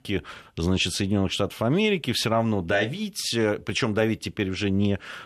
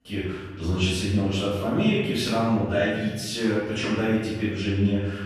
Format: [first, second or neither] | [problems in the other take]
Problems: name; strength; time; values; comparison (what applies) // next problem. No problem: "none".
first | room echo; strong; dies away in 1.2 s // off-mic speech; far